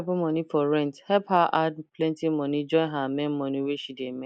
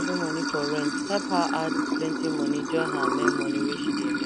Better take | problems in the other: first | background sound (Sink (filling or washing) / Water); 4 dB above the speech

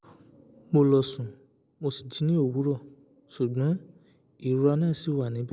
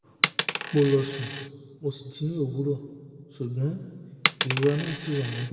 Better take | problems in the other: first | background sound (Coin (dropping)); 5 dB below the speech // room echo; dies away in 1.7 s

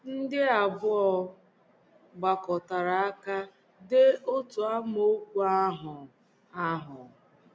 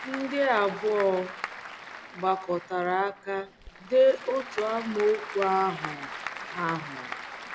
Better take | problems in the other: first | background sound (Applause / Crowd); 11 dB below the speech

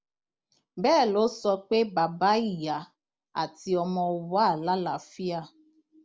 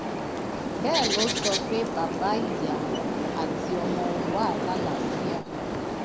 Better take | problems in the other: first | background sound (Bird); 3 dB above the speech

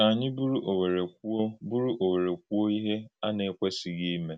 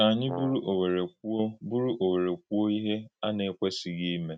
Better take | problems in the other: first | noise reduction (neural mask model RNNoise)

